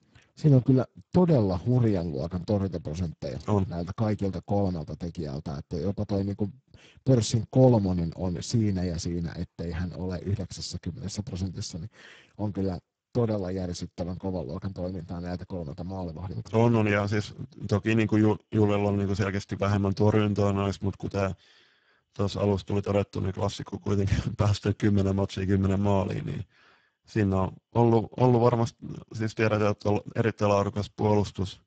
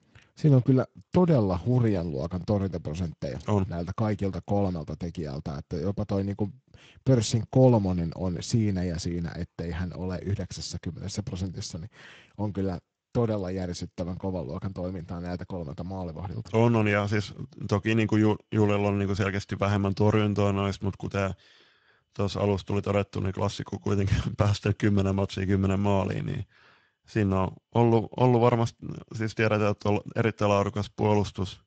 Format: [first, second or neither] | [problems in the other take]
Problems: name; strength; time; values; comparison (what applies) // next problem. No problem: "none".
second | garbled, watery; badly; nothing above 8 kHz; slightly in the second